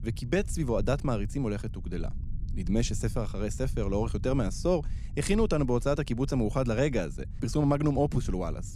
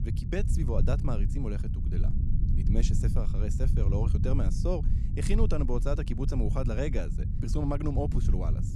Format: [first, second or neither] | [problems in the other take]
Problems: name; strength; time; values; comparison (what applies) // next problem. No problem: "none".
first | low rumble; loud; throughout; 7 dB below the speech; faint in the first